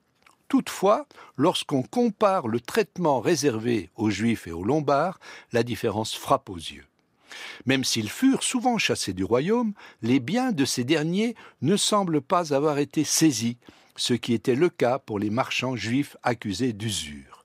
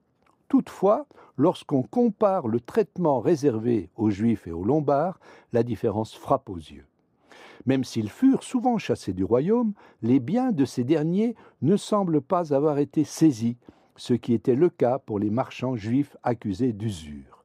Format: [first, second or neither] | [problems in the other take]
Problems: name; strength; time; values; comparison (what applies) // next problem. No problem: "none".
first | muffled; slightly; fading above 1.5 kHz